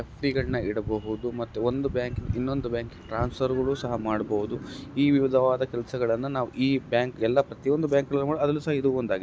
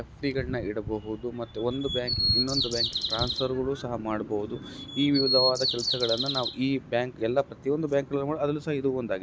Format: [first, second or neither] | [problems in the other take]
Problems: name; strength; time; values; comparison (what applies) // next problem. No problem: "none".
first | background sound (Bird vocalization, bird call, bird song); 1 dB below the speech